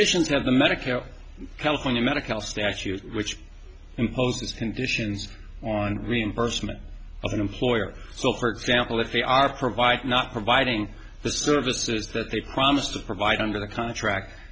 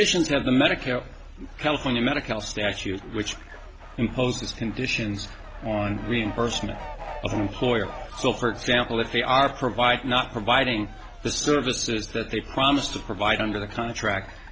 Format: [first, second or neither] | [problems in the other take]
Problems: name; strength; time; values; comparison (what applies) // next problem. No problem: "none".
first | background sound (Fowl); 18 dB below the speech